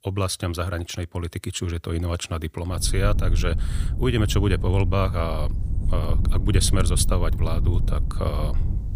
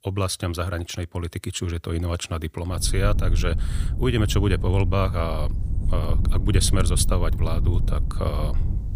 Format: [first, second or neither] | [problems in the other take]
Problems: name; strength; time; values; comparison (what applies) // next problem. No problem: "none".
neither | wind noise on the microphone; occasional gusts; from 3 s on; 15 dB below the speech; the same in both